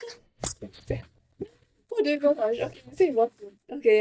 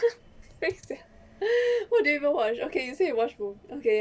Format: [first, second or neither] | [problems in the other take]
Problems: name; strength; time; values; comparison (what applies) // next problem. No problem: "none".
second | noise reduction (neural mask model DeepFilterNet 3)